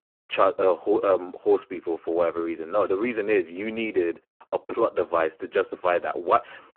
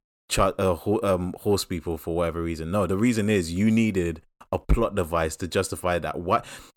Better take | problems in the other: second | phone-call audio; poor line

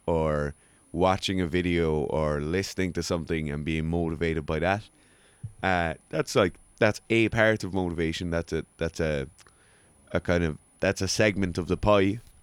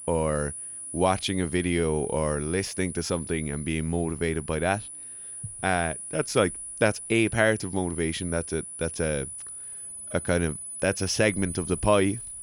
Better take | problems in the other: first | high-pitched whine; loud; throughout; 10 kHz, 9 dB below the speech; faint in the first

